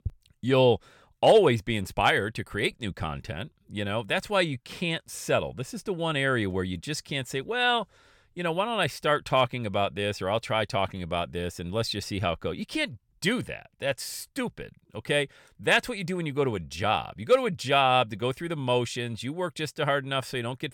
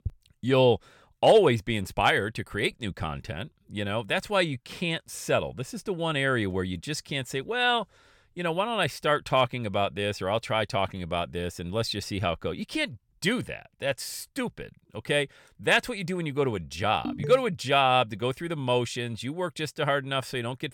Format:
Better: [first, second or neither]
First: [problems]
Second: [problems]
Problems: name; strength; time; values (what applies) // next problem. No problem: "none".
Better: first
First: none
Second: phone ringing; noticeable; at 17 s; peak 7 dB below the speech